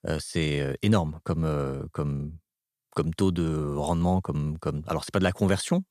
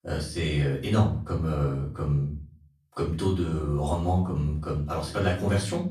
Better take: first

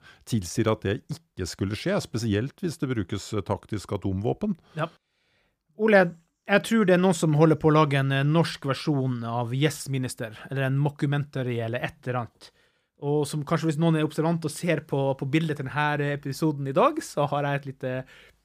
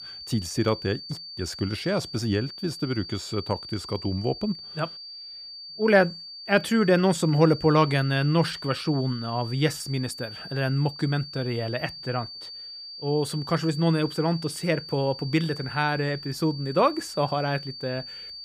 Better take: first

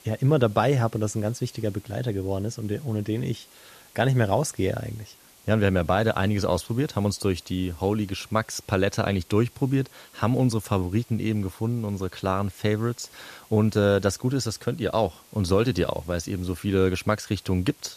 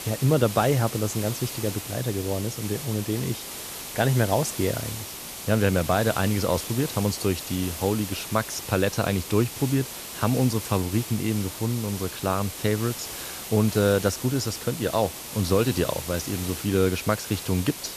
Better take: first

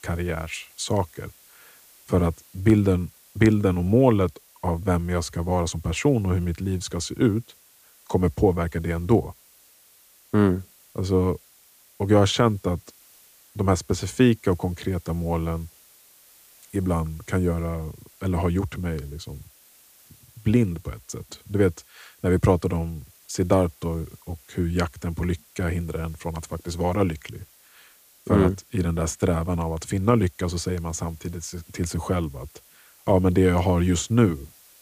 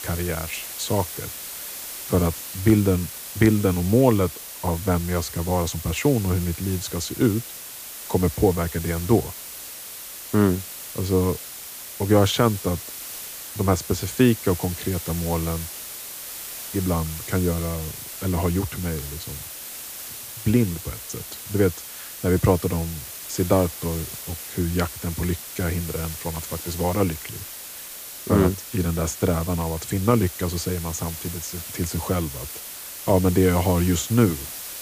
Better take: first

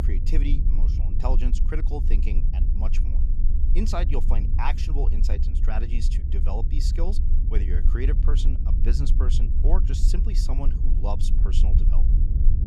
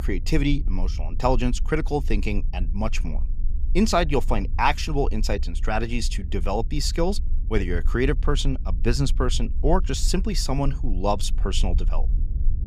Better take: second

